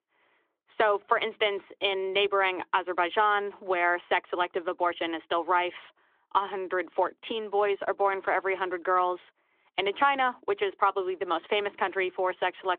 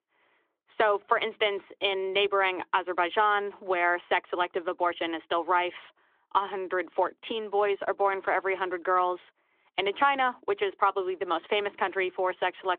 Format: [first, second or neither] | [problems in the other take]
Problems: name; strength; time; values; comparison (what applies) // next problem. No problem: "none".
neither | phone-call audio; nothing above 3.5 kHz; the same in both